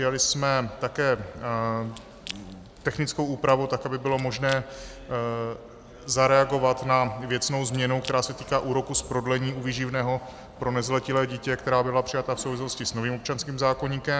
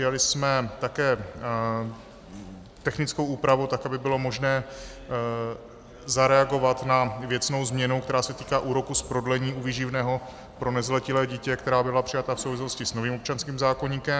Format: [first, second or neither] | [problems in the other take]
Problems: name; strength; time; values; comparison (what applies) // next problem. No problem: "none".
second | background sound (Crack / Crushing); 20 dB below the speech